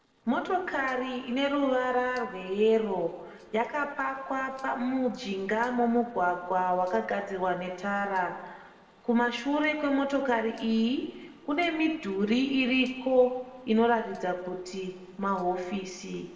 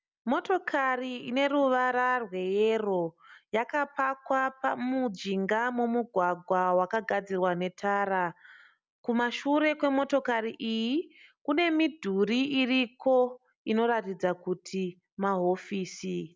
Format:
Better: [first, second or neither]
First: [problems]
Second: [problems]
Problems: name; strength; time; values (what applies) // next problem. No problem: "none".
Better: second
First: noise reduction (neural separator model SepFormer DNS4)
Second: none